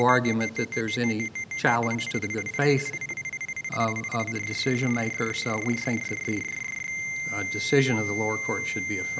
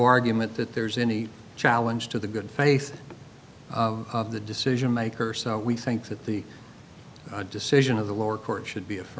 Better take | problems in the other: second | background sound (Ringtone); 5 dB below the speech

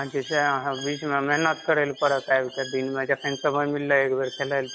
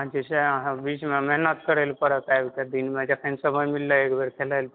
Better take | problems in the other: second | background sound (Bird); 17 dB below the speech

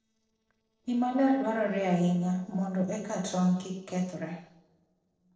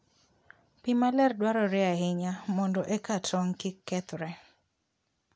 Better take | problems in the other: second | noise reduction (neural separator model SepFormer DNS4)

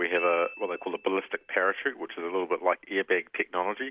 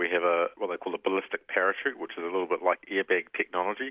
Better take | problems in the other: second | background sound (Glockenspiel); 16 dB below the speech

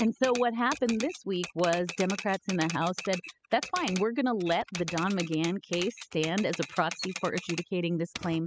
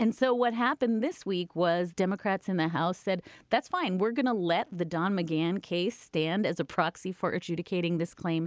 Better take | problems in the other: second | noise reduction (classical method spectral subtraction)

